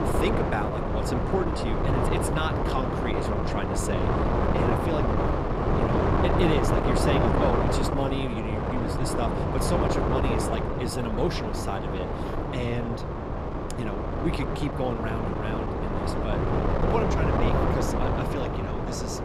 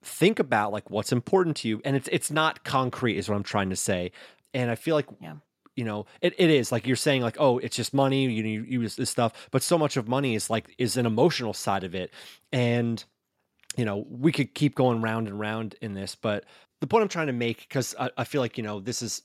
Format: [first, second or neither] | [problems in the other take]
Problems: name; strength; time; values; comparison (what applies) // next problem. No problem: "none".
second | wind noise on the microphone; heavy; 4 dB above the speech